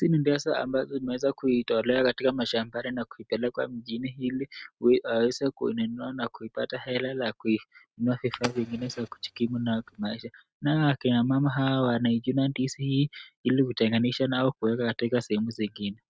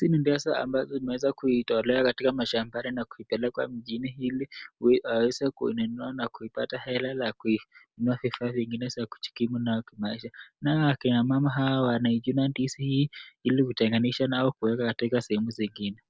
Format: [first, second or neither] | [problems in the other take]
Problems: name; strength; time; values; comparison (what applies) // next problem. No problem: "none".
second | noise reduction (neural mask model RNNoise)